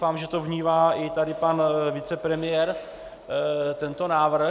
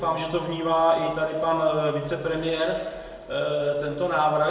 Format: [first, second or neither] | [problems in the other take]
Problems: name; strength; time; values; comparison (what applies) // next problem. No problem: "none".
first | room echo; dies away in 0.9 s